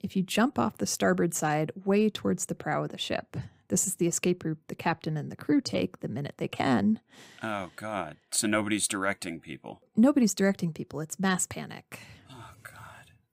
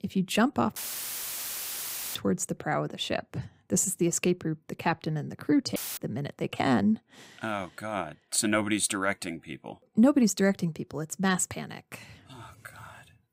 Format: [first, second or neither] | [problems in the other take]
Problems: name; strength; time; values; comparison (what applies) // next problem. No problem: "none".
first | audio cutting out; filled with static; at 1 s for 1.5 s and at 6 s